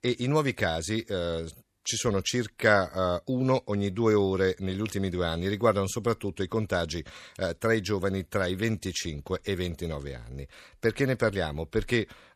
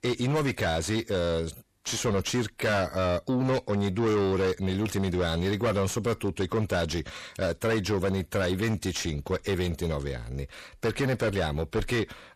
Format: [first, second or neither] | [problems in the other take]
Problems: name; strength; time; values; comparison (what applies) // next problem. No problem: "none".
first | distortion; heavy; 7 dB below the speech